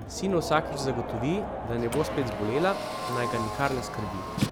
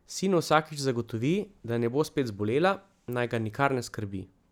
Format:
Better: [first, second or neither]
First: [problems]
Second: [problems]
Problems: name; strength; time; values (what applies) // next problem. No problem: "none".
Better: second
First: background sound (Crowd + Car); 3 dB below the speech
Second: none